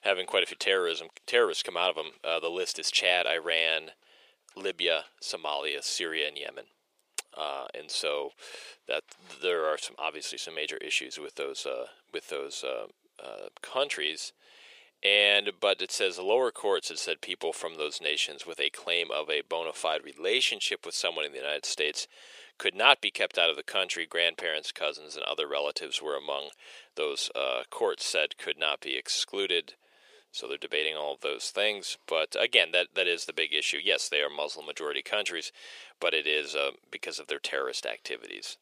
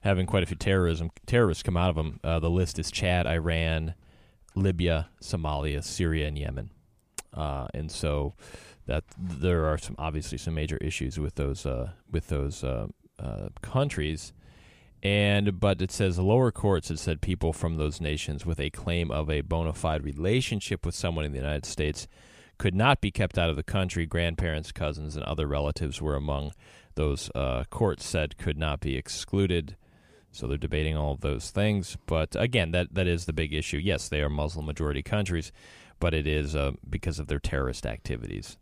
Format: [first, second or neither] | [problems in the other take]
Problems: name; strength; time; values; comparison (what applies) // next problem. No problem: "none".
second | thin; very; fading below 450 Hz